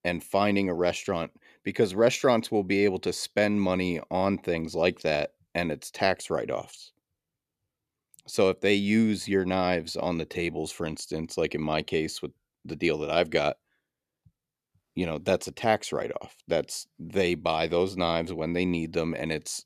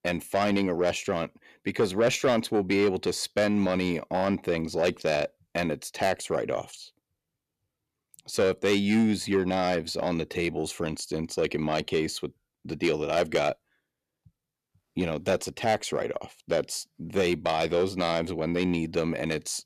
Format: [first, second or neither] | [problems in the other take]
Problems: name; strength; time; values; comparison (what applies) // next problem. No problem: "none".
first | distortion; slight; 10 dB below the speech